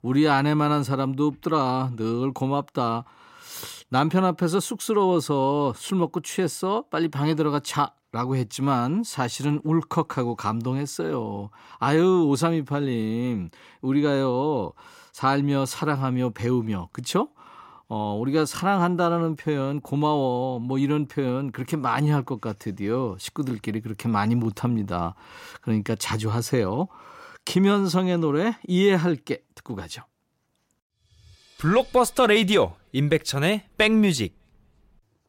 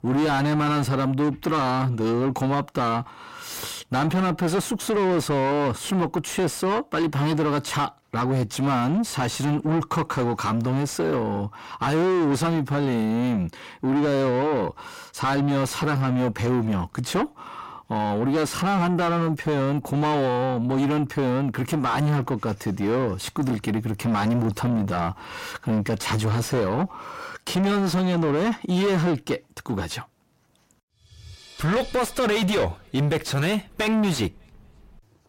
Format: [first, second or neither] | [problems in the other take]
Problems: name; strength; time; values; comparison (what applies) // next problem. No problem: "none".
first | distortion; heavy; 7 dB below the speech